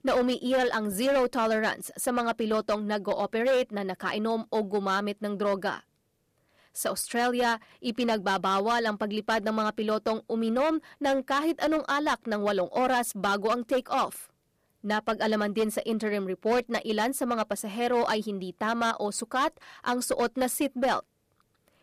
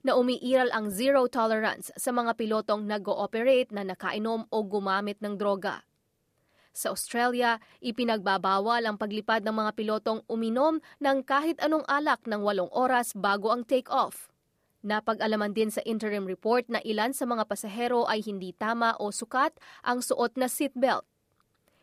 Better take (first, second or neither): second